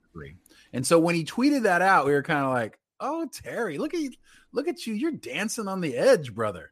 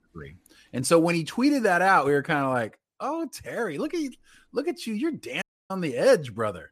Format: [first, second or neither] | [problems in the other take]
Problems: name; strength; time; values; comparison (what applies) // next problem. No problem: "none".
first | audio cutting out; at 5.5 s